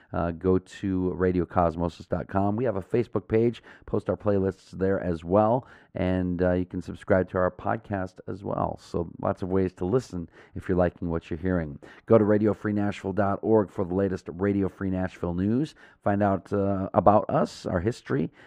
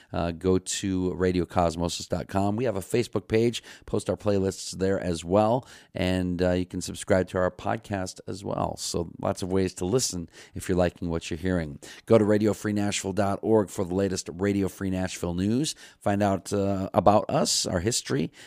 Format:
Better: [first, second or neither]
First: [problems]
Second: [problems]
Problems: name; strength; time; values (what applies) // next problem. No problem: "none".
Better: second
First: muffled; very; fading above 3 kHz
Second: none